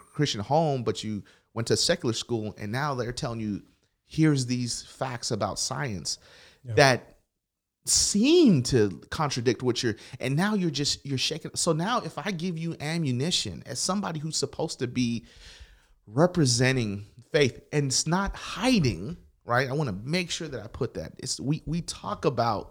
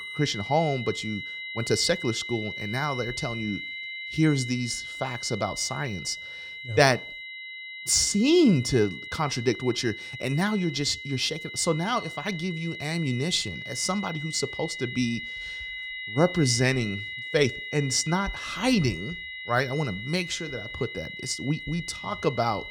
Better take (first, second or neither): first